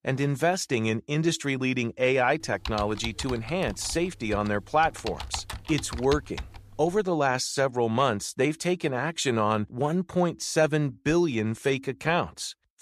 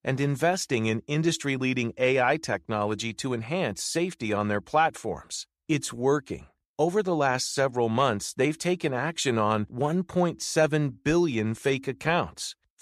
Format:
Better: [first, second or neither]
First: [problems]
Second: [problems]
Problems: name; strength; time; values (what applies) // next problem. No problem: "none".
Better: second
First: keyboard typing; noticeable; from 2.5 to 7 s; peak 9 dB below the speech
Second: none